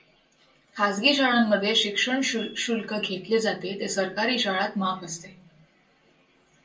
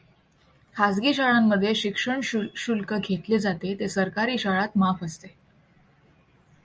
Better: second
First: room echo; dies away in 0.2 s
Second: none

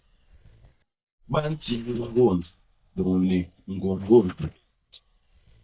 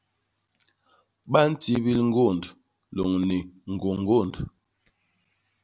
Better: second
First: noise reduction (neural mask model DeepFilterNet 3)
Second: none

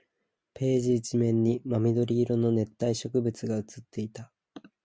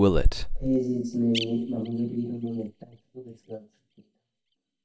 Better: first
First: none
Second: noise reduction (neural mask model DeepFilterNet 3)

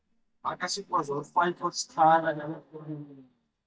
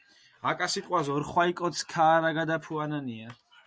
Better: second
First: noise reduction (neural mask model DeepFilterNet 3)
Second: none

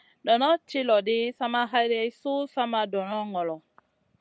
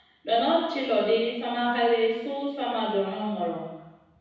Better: first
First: none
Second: room echo; dies away in 1.1 s

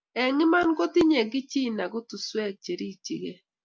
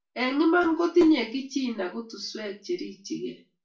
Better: first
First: none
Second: room echo; dies away in 0.3 s

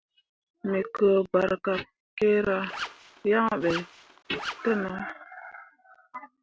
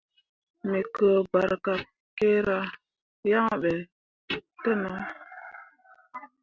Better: second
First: background sound (Zipper (clothing)); 11 dB below the speech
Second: none

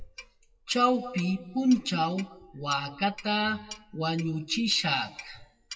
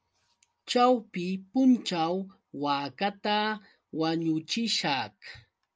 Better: second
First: noise reduction (classical method WPE with log-MMSE)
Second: none

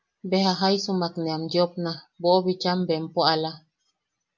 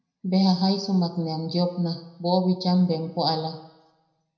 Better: first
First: none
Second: room echo; dies away in 0.8 s

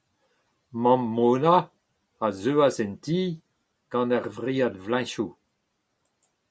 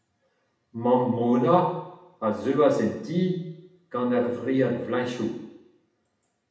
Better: first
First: none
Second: room echo; dies away in 0.8 s

